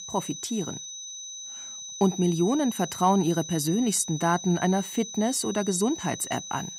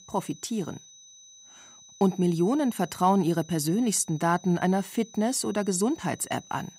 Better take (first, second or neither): second